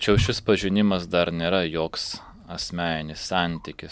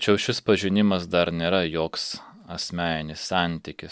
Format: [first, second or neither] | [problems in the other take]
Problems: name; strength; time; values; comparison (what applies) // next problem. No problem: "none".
second | background sound (Wild animals); 10 dB below the speech